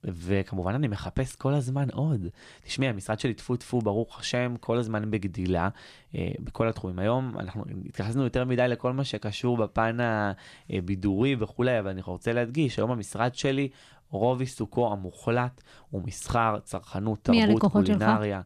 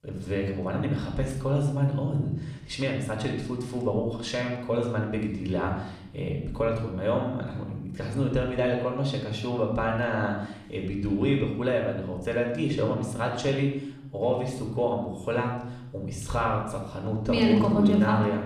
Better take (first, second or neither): first